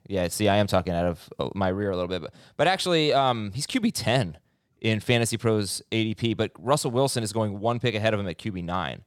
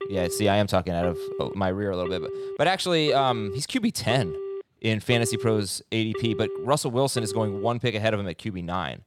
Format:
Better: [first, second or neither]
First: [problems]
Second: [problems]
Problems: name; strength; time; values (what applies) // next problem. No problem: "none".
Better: first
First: none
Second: phone ringing; noticeable; until 7.5 s; peak 7 dB below the speech